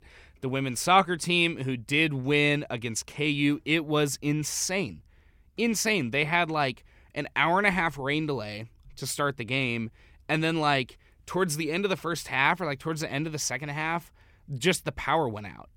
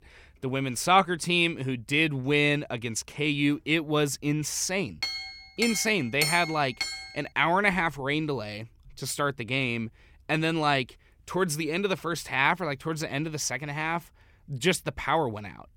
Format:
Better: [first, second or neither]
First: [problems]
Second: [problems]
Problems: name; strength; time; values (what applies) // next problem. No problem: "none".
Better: first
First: none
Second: clattering dishes; noticeable; from 5 to 7 s; peak 1 dB below the speech